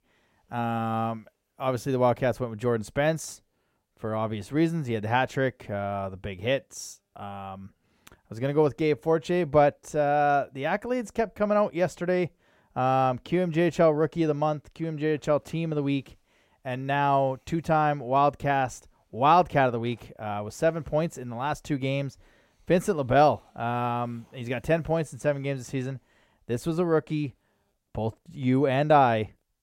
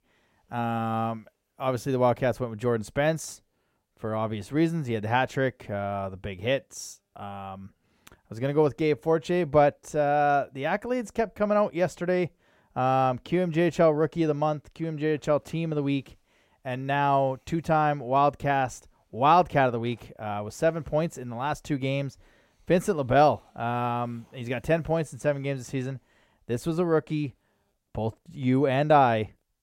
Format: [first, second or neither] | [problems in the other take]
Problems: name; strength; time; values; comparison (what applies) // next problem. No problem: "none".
neither | none